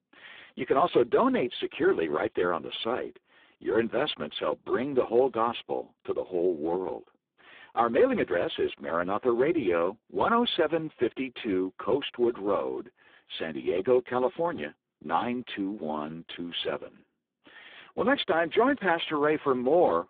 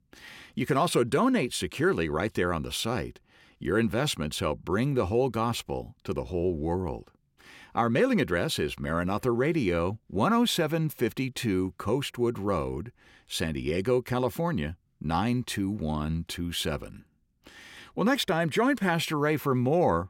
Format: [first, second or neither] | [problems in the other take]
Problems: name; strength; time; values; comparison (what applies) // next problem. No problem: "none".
second | phone-call audio; poor line; nothing above 3.5 kHz